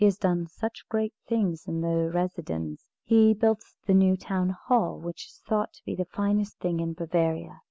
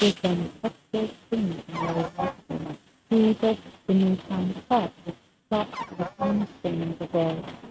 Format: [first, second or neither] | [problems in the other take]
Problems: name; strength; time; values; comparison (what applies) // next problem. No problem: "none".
first | noise reduction (neural mask model RNNoise)